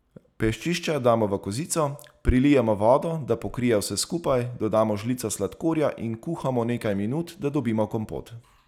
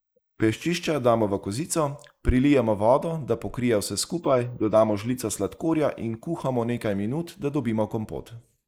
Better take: first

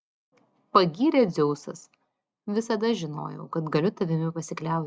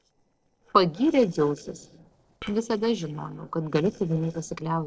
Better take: first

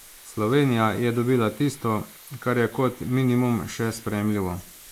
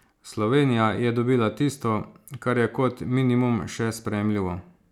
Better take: second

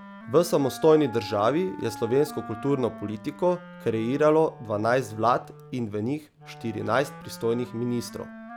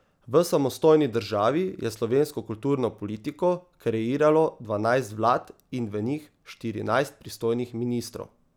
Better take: second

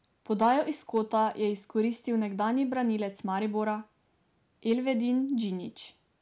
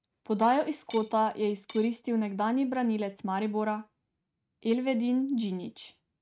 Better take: first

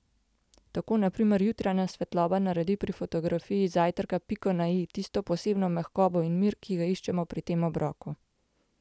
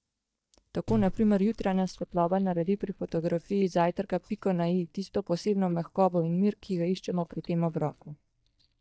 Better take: first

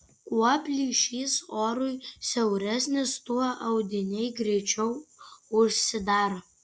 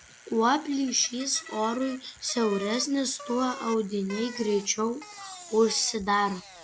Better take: first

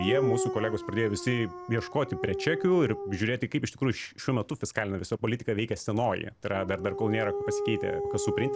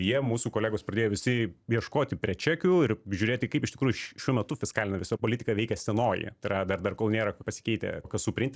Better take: second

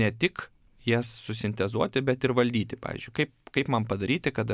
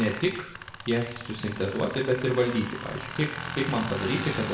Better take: first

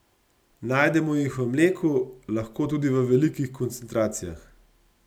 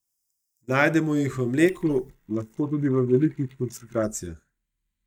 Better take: first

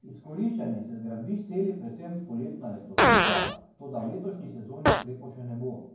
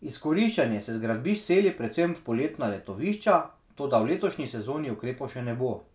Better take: second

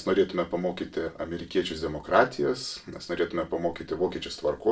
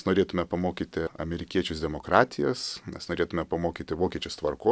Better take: second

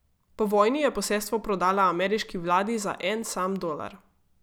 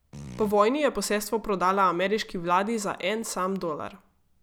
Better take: first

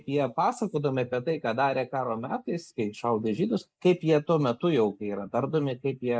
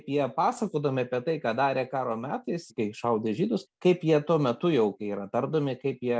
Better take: second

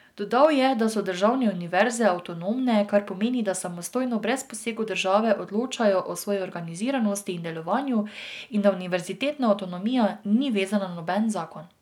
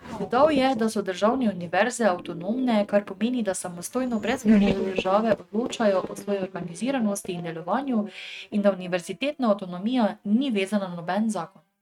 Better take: first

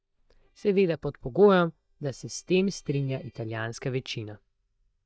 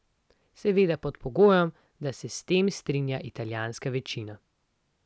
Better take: second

